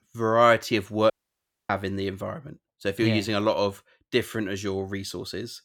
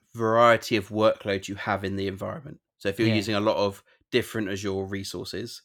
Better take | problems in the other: second | audio cutting out; at 1 s for 0.5 s

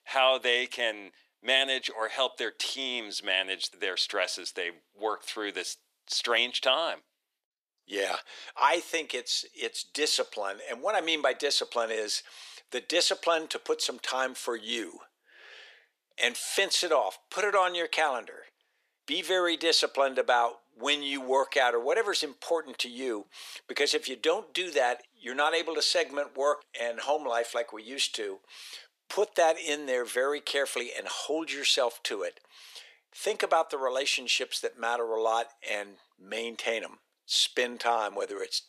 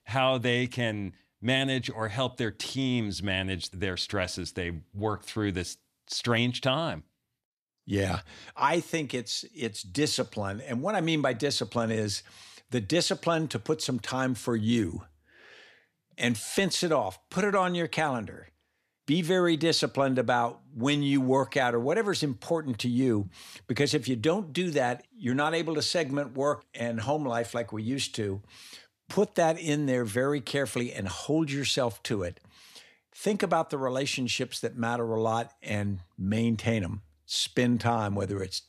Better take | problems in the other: second | thin; very; fading below 400 Hz

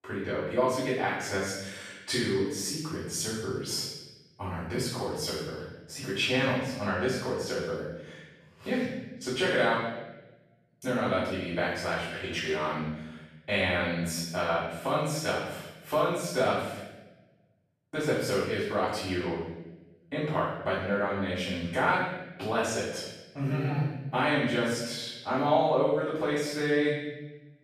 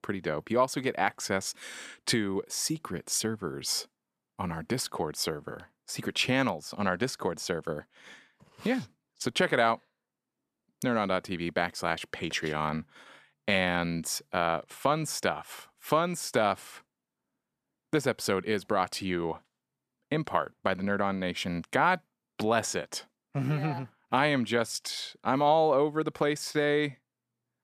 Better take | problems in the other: second | off-mic speech; far // room echo; strong; dies away in 1 s

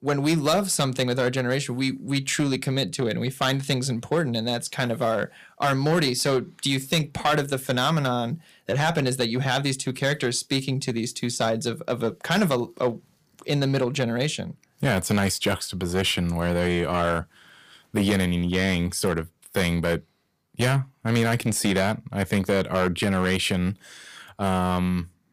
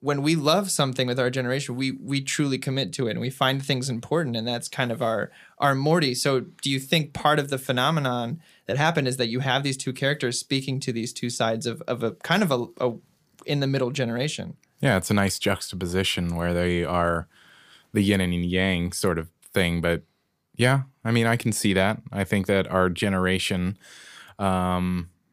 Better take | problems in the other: second | distortion; slight; 5% of the sound clipped

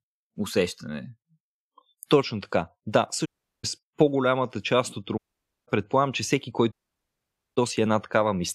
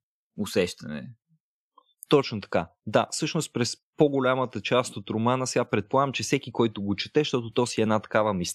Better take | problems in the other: second | audio cutting out; at 3.5 s, at 5 s and at 6.5 s for 1 s

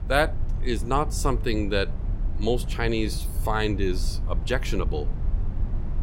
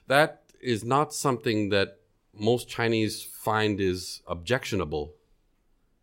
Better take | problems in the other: second | low rumble; noticeable; throughout; 20 dB below the speech

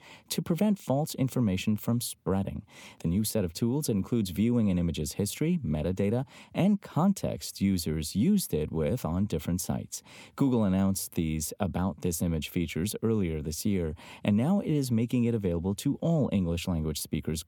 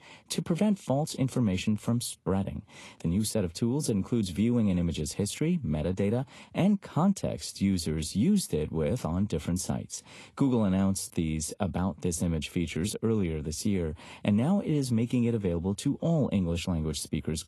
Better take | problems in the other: first | garbled, watery; slightly; nothing above 11.5 kHz

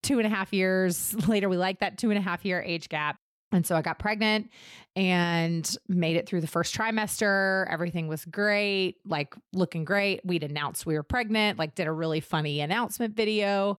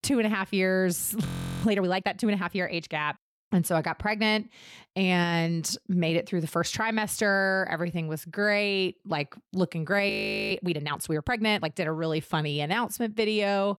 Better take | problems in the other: first | audio freezing; at 1.5 s and at 10 s

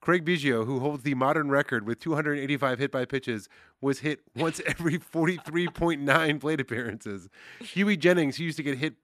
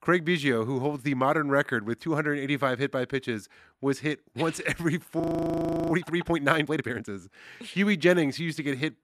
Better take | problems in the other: first | audio freezing; at 5 s for 0.5 s

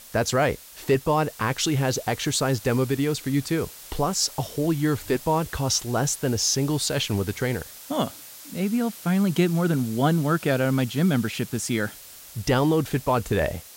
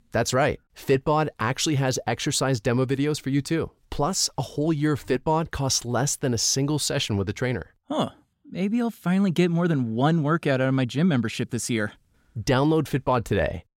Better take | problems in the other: second | hiss; noticeable; throughout; 15 dB below the speech

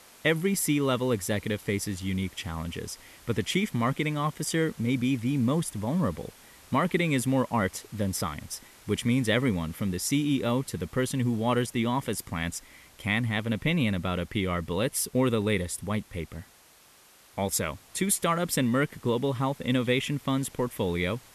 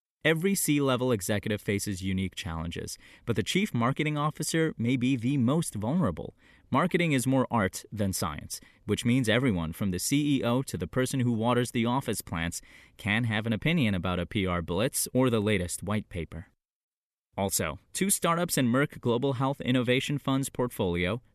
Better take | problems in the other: second | hiss; faint; throughout; 25 dB below the speech

